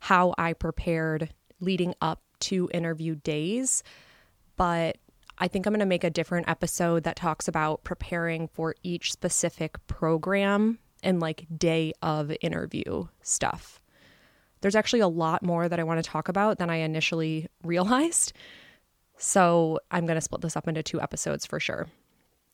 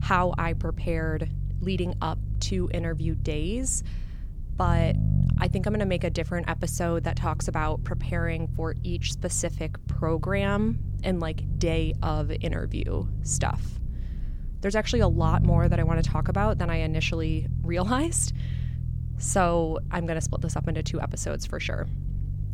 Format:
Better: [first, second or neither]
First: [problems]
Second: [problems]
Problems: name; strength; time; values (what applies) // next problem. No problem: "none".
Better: first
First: none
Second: low rumble; noticeable; throughout; 15 dB below the speech